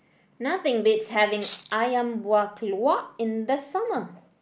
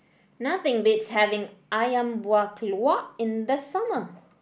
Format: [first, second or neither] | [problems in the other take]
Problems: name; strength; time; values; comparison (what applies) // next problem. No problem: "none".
second | noise reduction (neural mask model Resemble Enhance denoiser)